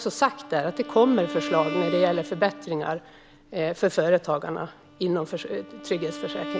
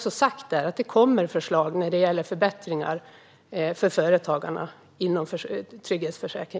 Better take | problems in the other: second | background sound (Bowed string instrument); 11 dB below the speech

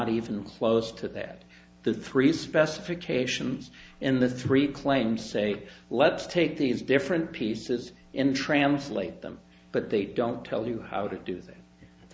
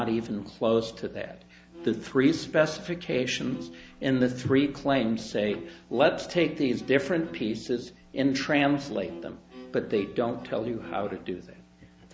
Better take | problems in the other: first | background sound (Bowed string instrument); 19 dB below the speech

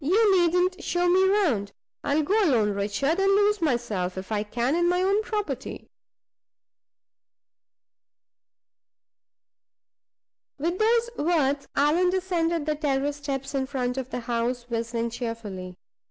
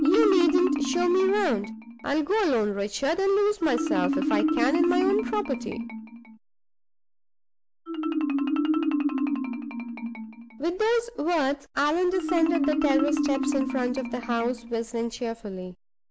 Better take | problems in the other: first | background sound (Marimba, xylophone); 2 dB below the speech

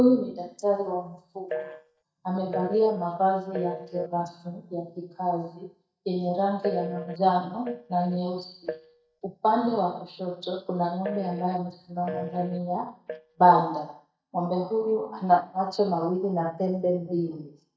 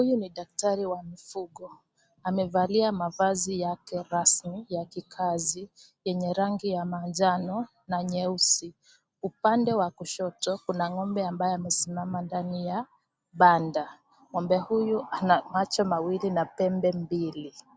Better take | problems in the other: second | noise reduction (neural mask model DeepFilterNet 3)

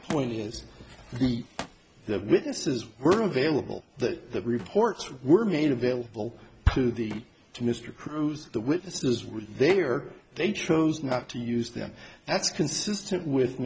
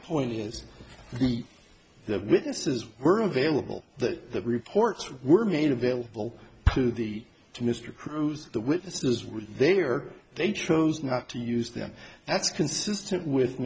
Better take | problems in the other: second | background sound (Thump, thud); 19 dB below the speech

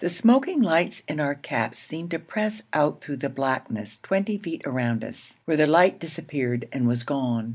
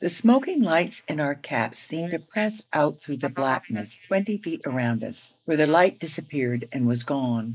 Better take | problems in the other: first | noise reduction (neural mask model Resemble Enhance denoiser)

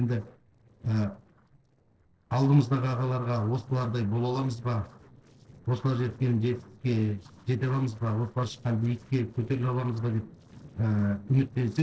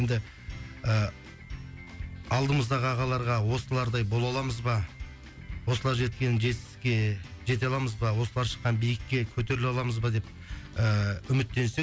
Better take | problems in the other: second | noise reduction (neural separator model SepFormer DNS4)

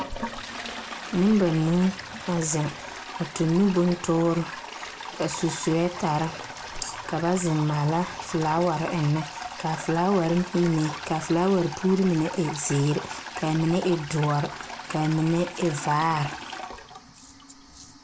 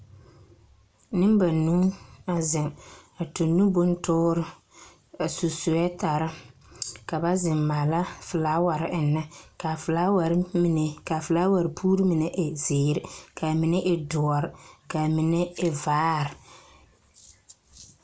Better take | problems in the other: second | background sound (Toilet flush); 11 dB below the speech

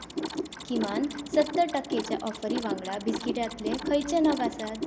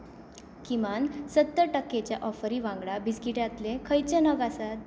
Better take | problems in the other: second | background sound (Mechanisms); 5 dB below the speech

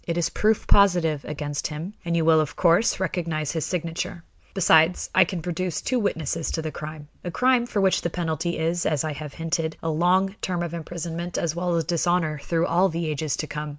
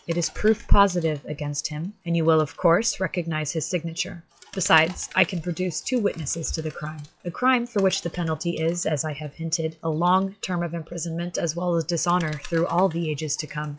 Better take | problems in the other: first | noise reduction (classical method log-MMSE)

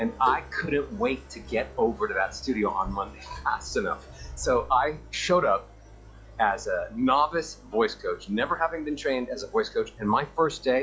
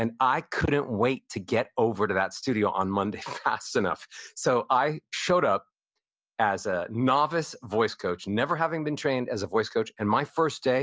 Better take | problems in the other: second | noise reduction (classical method log-MMSE)

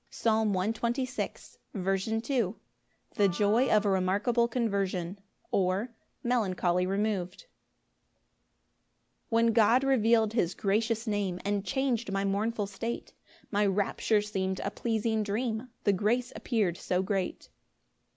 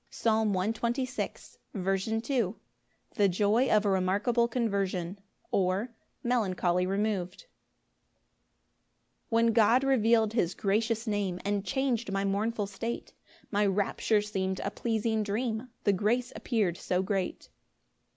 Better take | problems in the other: second | background sound (Wind instrument, woodwind instrument); 19 dB below the speech

